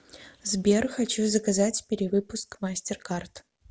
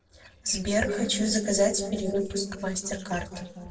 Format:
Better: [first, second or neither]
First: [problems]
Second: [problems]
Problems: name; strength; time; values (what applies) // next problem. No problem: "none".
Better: first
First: none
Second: noise reduction (neural separator model SepFormer DNS4)